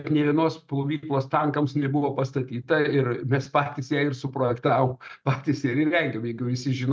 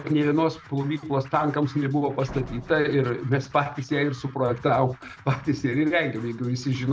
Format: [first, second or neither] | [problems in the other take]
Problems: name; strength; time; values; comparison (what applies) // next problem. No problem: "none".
first | background sound (Scratching (performance technique) + Slam); 20 dB below the speech